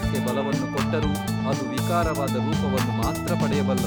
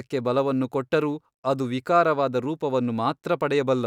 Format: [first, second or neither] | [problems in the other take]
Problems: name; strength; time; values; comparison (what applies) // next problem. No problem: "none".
second | background sound (Organ); 4 dB above the speech